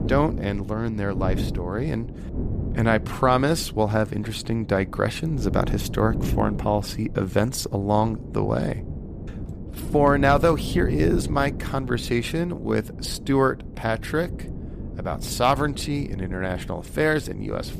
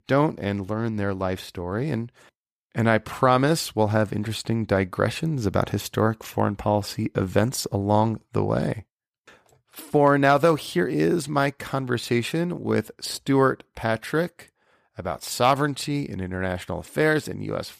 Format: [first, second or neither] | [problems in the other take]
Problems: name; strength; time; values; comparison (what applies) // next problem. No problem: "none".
second | wind noise on the microphone; occasional gusts; 15 dB below the speech